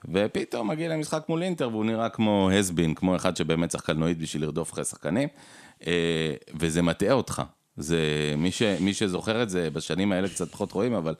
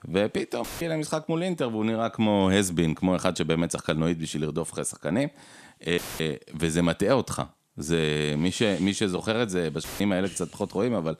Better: first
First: none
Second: audio cutting out; filled with static; at 0.5 s, at 6 s and at 10 s

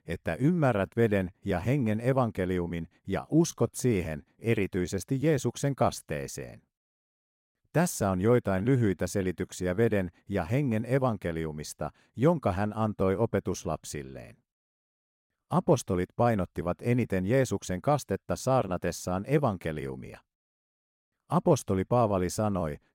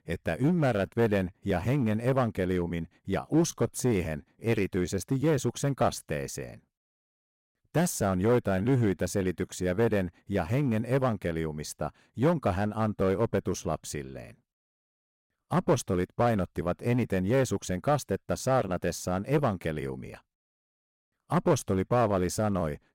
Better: first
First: none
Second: distortion; slight; 4% of the sound clipped

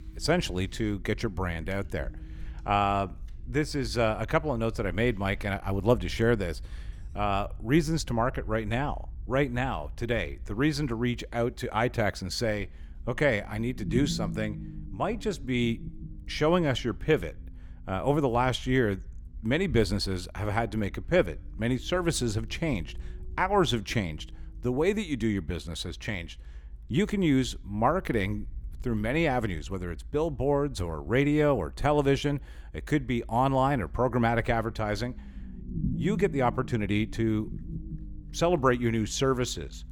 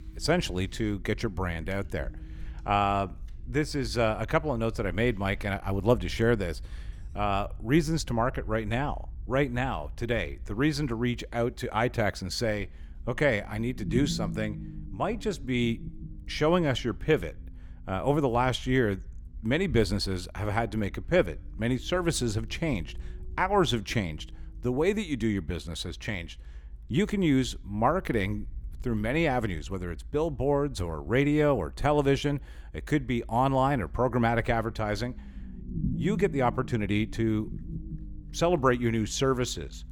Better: neither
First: low rumble; faint; throughout; 25 dB below the speech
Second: low rumble; faint; throughout; 25 dB below the speech

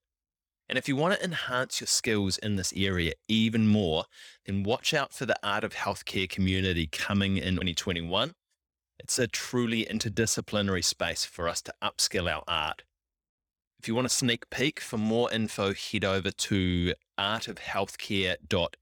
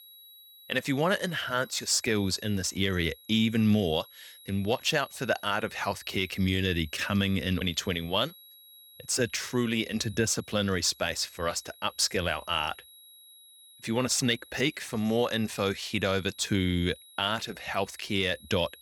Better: first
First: none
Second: high-pitched whine; faint; throughout; 4 kHz, 20 dB below the speech

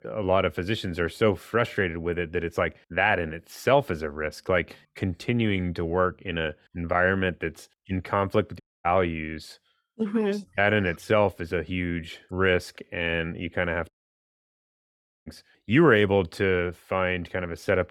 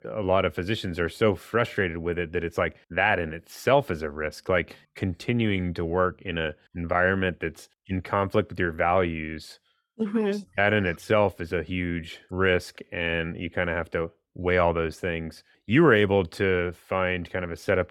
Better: second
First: audio cutting out; at 8.5 s and at 14 s for 1.5 s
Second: none

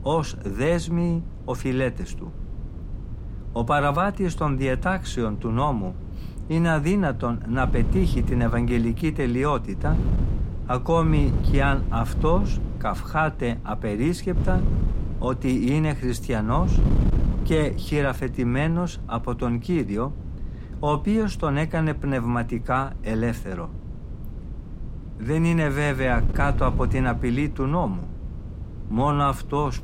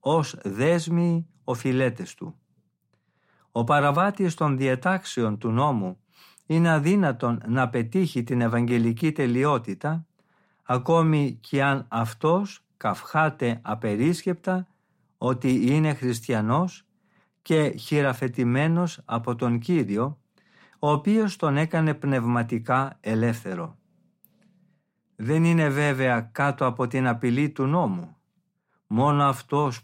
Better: second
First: wind noise on the microphone; occasional gusts; 15 dB below the speech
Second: none

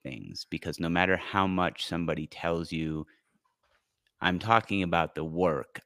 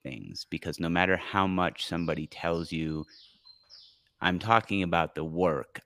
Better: first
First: none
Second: animal sounds; faint; throughout; 25 dB below the speech

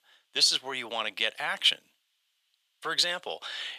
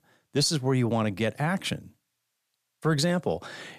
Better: second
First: thin; very; fading below 700 Hz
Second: none

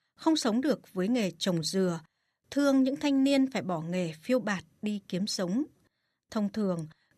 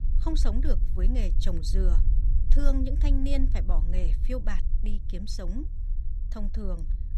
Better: first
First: none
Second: low rumble; noticeable; throughout; 10 dB below the speech

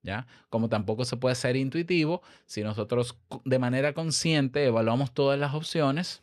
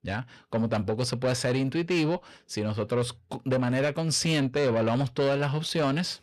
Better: first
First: none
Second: distortion; slight; 10 dB below the speech

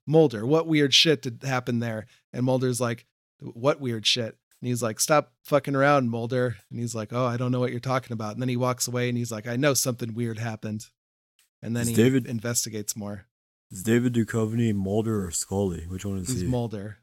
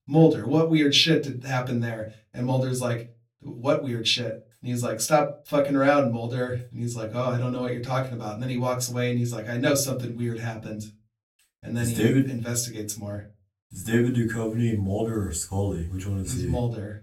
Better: first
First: none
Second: off-mic speech; far // room echo; very slight; dies away in 0.2 s

